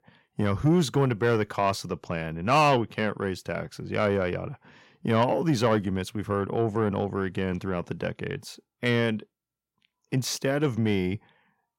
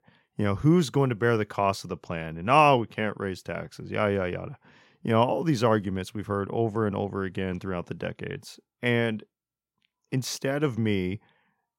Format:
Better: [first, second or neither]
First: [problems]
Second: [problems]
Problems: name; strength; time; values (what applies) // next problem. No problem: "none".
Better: second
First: distortion; slight; 10 dB below the speech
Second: none